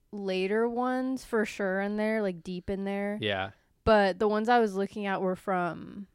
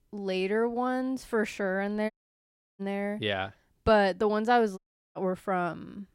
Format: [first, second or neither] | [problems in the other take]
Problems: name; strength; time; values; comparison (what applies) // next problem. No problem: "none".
first | audio cutting out; at 2 s for 0.5 s and at 5 s